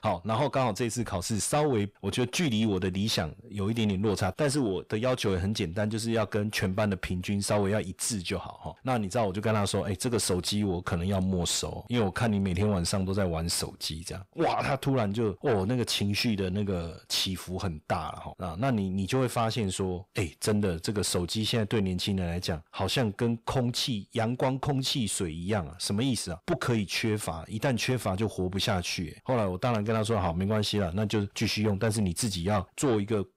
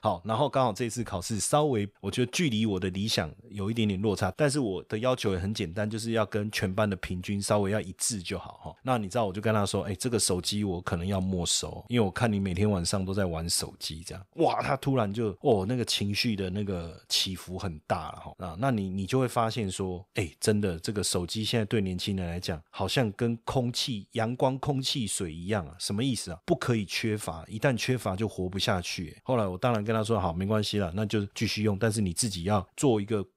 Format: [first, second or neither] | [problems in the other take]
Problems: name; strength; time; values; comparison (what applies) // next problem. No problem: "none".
second | distortion; slight; 10 dB below the speech